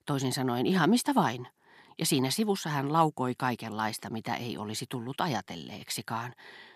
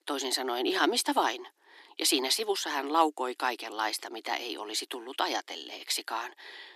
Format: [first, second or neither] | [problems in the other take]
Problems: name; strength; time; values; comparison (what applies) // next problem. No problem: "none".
first | thin; somewhat; fading below 300 Hz